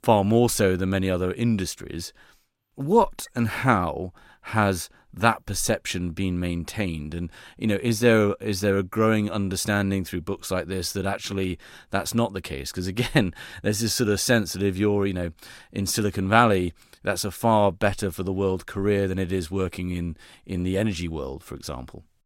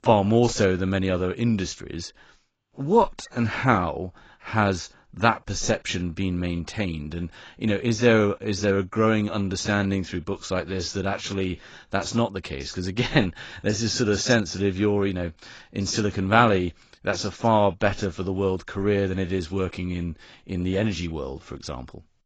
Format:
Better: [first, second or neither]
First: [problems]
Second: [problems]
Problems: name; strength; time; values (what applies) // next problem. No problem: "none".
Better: first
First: none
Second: garbled, watery; badly; nothing above 7.5 kHz